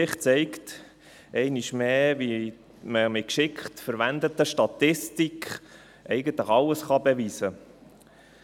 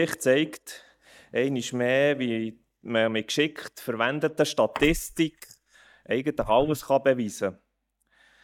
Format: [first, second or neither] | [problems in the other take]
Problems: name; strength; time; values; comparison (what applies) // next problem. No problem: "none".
first | noise reduction (neural mask model DeepFilterNet 3)